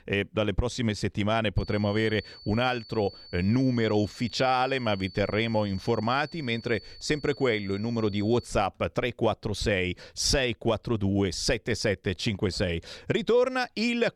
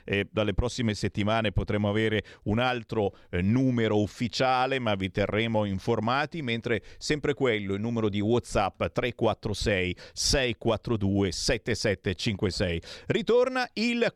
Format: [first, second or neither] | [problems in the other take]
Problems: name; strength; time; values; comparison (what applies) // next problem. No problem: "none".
second | high-pitched whine; noticeable; from 1.5 to 8.5 s; 4.5 kHz, 20 dB below the speech